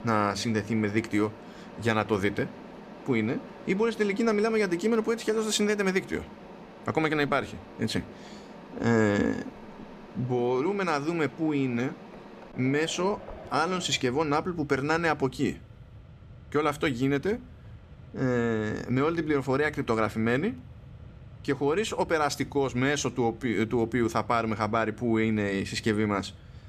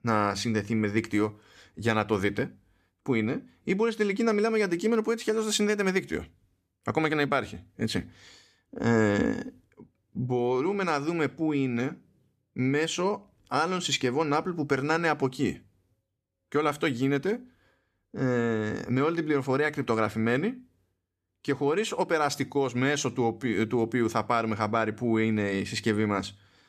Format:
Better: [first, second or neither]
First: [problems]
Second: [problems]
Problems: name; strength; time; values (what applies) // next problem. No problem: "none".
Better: second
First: machinery noise; noticeable; throughout; 20 dB below the speech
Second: none